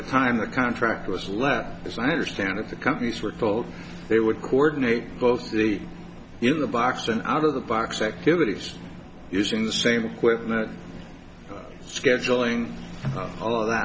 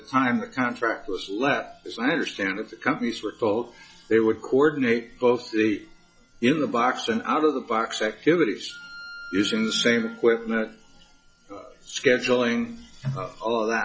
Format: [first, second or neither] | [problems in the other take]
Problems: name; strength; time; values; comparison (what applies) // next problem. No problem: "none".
first | noise reduction (classical method log-MMSE)